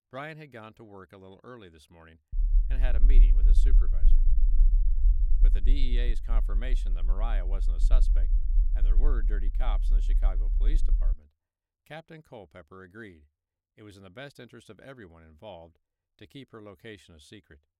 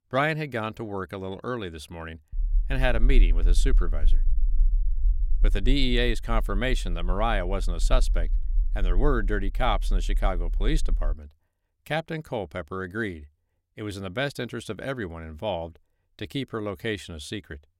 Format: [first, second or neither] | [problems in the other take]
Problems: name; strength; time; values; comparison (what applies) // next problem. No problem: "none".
second | low rumble; loud; from 2.5 to 11 s; 9 dB below the speech; faint in the second